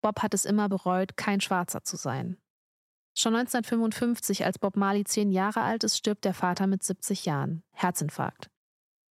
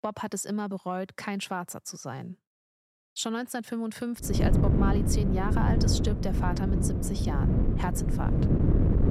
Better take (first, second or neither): first